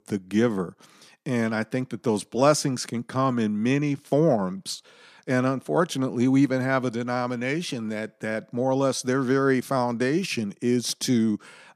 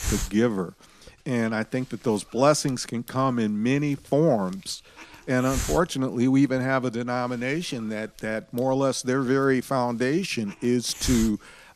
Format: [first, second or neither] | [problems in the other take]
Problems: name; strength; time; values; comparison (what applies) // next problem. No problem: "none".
first | hiss; noticeable; throughout; 10 dB below the speech